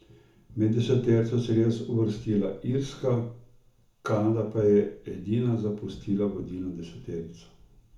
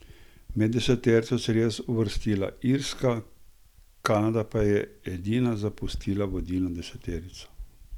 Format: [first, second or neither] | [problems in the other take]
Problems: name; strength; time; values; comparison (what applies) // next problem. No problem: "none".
second | room echo; dies away in 0.7 s